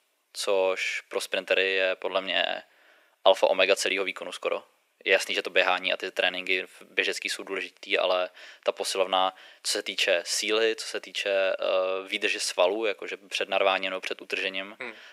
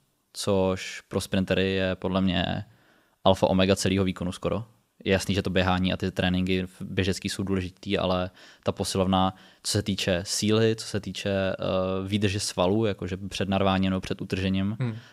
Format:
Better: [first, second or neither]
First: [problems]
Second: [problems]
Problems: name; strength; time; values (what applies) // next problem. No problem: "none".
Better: second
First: thin; very; fading below 400 Hz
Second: none